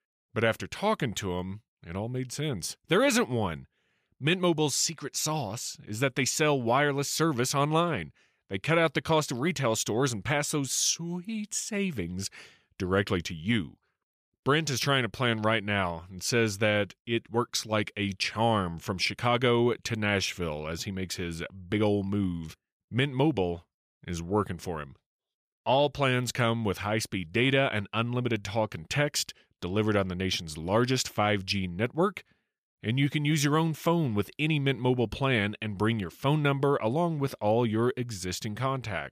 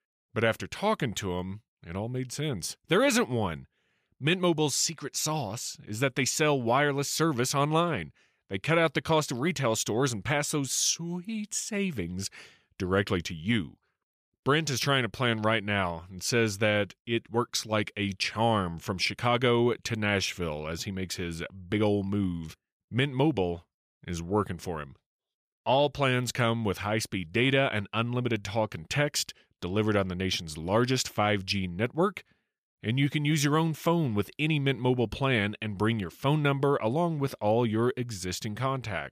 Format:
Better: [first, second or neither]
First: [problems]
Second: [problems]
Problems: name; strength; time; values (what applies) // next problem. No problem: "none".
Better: neither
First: none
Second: none